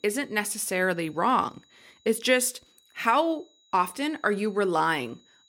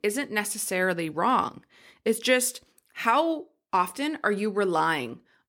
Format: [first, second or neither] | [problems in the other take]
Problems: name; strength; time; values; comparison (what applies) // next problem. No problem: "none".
second | high-pitched whine; faint; throughout; 4 kHz, 35 dB below the speech